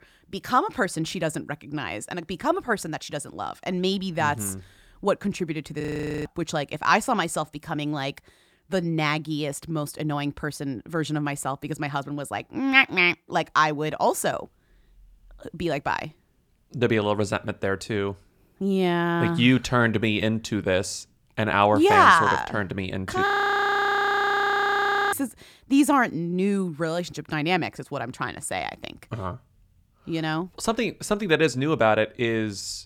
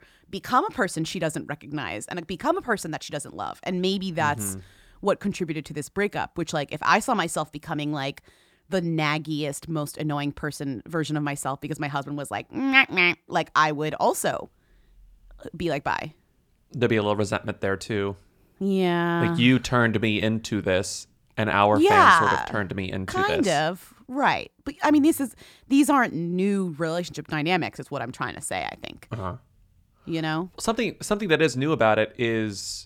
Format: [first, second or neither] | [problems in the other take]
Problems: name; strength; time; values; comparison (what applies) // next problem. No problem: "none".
second | audio freezing; at 6 s and at 23 s for 2 s